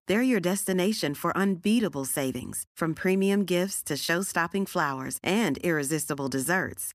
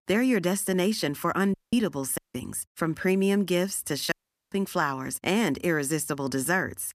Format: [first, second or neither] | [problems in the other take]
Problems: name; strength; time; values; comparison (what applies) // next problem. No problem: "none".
first | audio cutting out; at 1.5 s, at 2 s and at 4 s